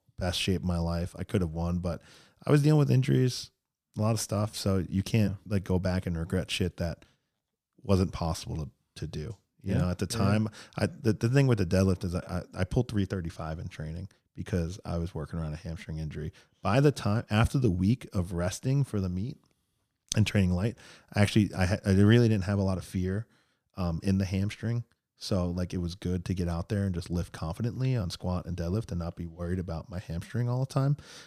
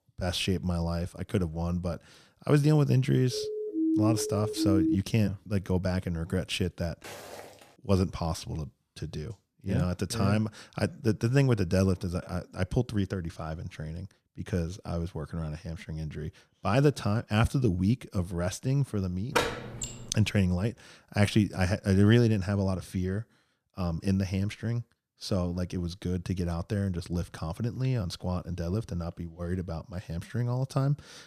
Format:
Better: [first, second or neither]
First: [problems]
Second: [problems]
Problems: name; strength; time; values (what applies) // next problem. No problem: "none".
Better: first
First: none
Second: siren; loud; from 3.5 to 5 s; peak 3 dB above the speech // footsteps; faint; at 7 s; peak 15 dB below the speech // door banging; loud; at 19 s; peak 1 dB above the speech